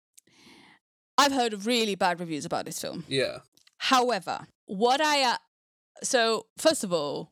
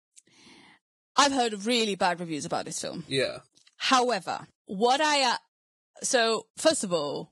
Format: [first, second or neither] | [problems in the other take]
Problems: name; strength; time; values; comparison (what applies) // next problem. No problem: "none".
first | garbled, watery; badly; nothing above 10.5 kHz